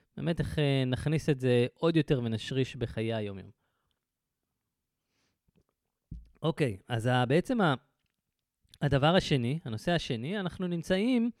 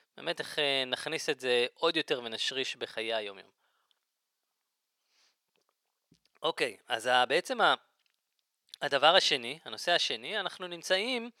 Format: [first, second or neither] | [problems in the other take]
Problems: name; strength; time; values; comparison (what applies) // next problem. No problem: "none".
first | thin; very; fading below 700 Hz